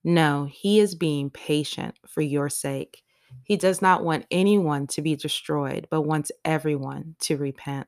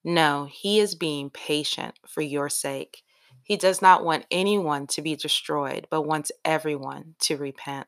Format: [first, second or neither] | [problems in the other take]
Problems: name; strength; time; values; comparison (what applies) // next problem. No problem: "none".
first | thin; somewhat; fading below 500 Hz